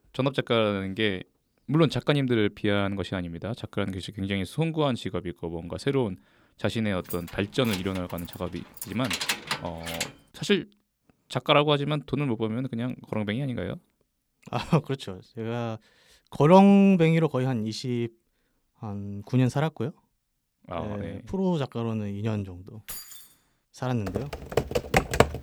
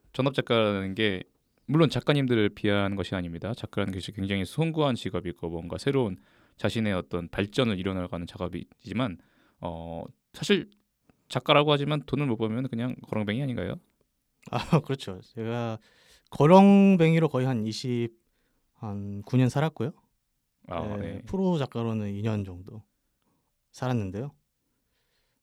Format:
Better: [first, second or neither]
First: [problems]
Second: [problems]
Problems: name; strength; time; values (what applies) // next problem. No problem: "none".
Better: second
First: jangling keys; noticeable; from 7 to 10 s; peak 1 dB below the speech // jangling keys; faint; at 23 s; peak 10 dB below the speech // keyboard typing; loud; from 24 s on; peak 4 dB above the speech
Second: none